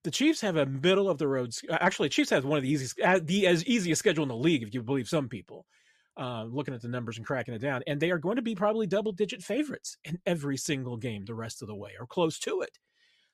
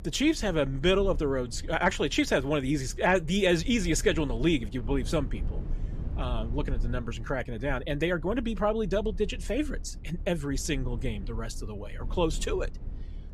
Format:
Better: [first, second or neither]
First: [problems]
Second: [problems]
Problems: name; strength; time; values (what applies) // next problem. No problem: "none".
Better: first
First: none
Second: low rumble; faint; throughout; 25 dB below the speech